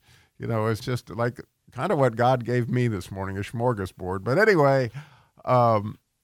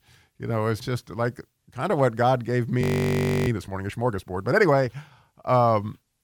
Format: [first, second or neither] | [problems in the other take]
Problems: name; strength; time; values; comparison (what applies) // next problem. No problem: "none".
first | audio freezing; at 3 s for 0.5 s